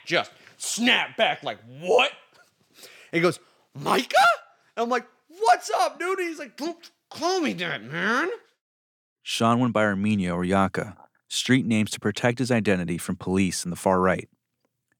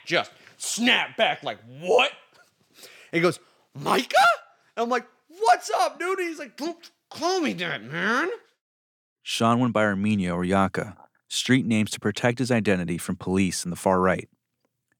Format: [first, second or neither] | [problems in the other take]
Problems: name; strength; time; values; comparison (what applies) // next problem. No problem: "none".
neither | none